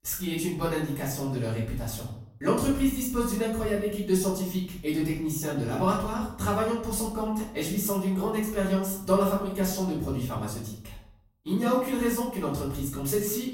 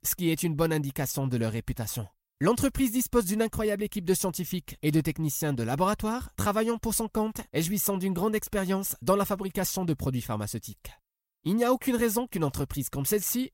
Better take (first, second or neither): second